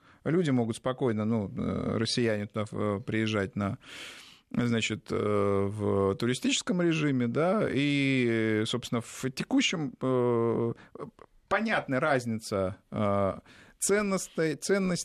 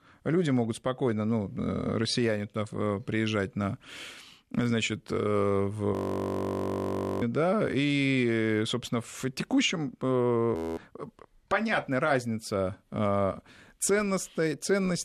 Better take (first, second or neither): first